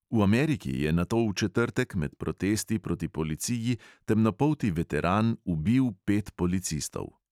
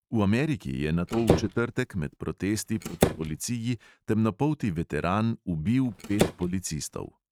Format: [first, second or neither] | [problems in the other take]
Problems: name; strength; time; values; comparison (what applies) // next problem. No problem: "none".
first | noise reduction (neural mask model RNNoise)